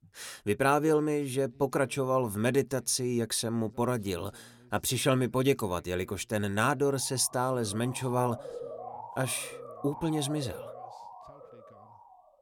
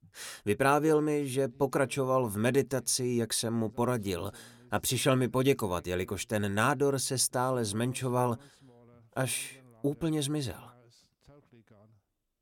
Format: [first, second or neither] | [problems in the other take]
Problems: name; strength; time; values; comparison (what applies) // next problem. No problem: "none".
second | siren; faint; from 7 s on; peak 10 dB below the speech